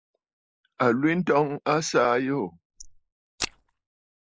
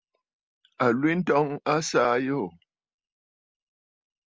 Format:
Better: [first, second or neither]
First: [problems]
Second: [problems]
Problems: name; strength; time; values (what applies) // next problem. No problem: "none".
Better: second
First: noise reduction (neural mask model Resemble Enhance denoiser)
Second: none